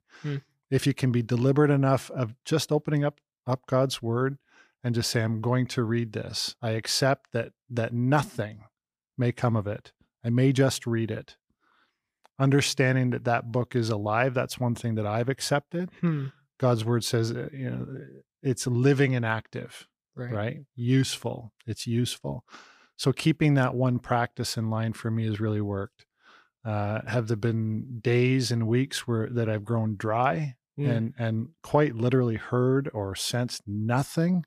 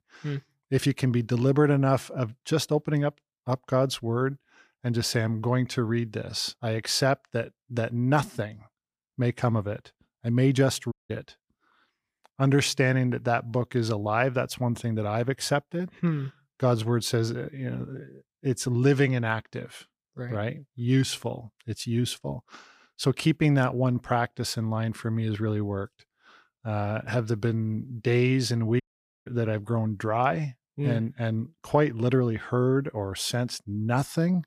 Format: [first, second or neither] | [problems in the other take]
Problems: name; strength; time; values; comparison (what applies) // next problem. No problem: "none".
first | audio cutting out; at 11 s and at 29 s